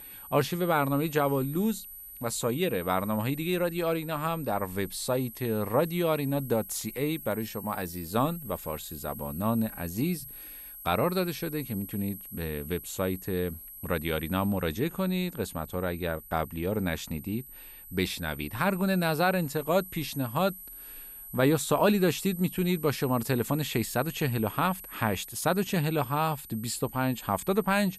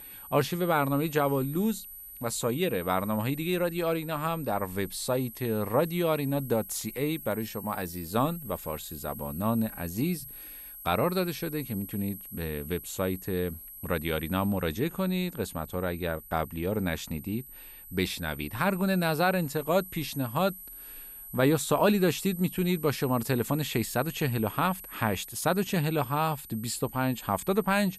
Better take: neither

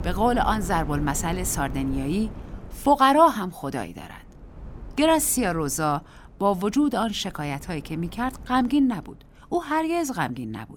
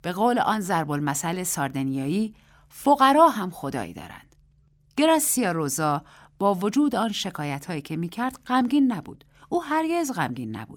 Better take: second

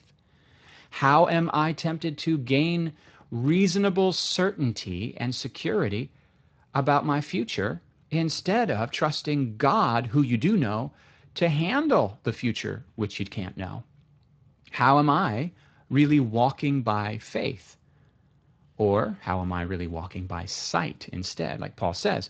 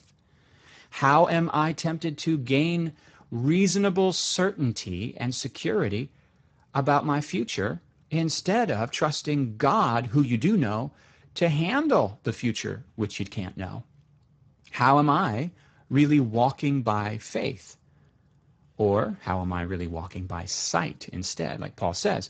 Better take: first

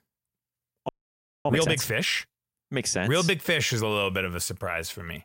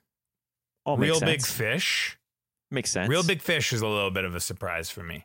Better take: second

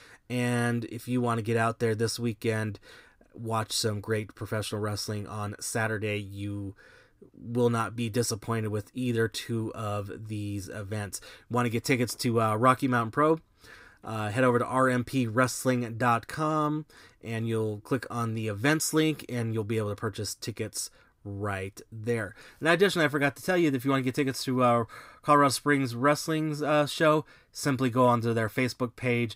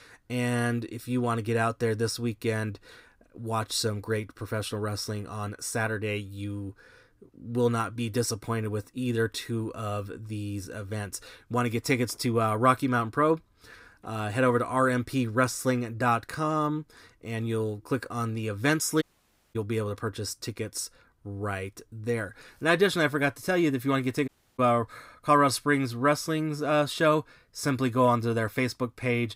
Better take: first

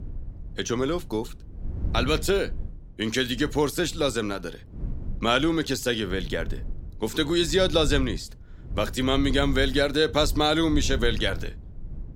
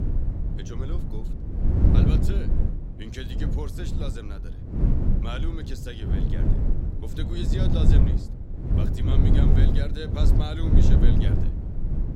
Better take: first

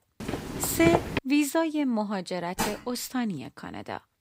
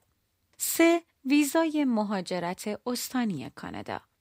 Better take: second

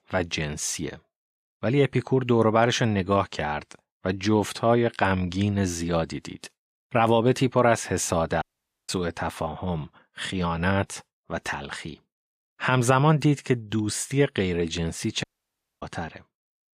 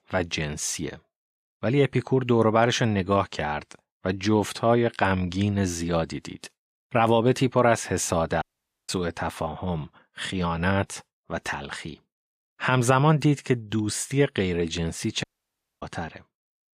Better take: neither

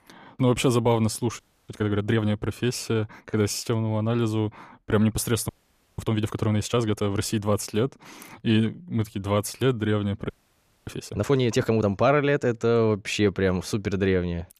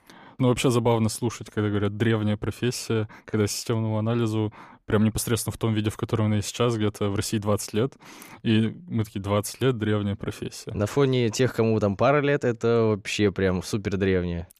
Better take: second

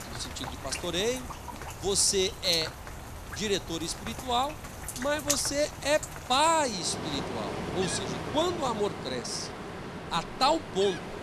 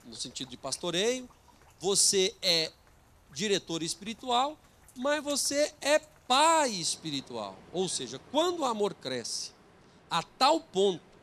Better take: second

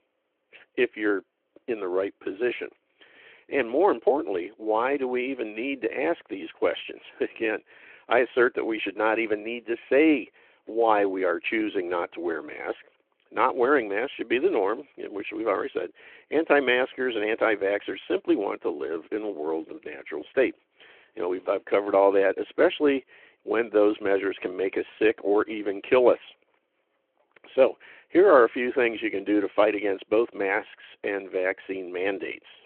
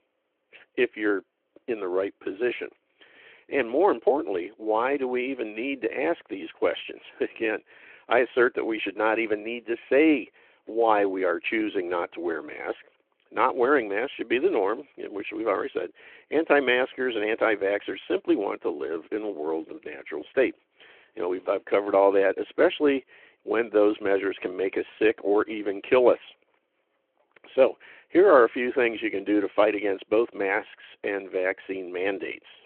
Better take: neither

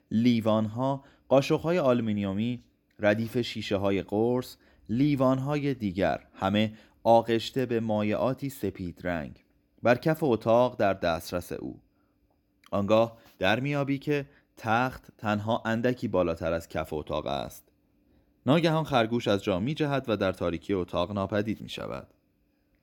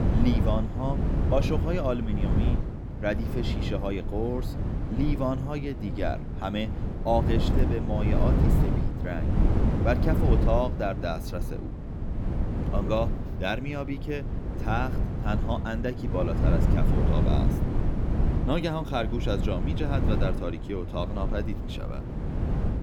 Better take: first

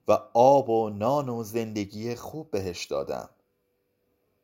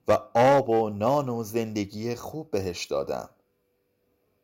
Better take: first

